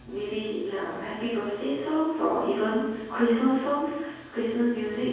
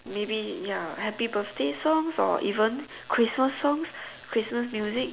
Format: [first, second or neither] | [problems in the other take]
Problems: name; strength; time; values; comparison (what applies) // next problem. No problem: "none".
second | room echo; dies away in 1.3 s